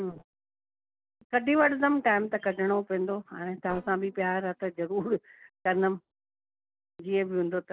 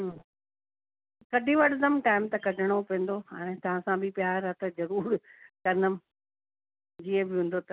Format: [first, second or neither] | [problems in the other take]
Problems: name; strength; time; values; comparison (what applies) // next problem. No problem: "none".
second | noise reduction (neural separator model SepFormer DNS4)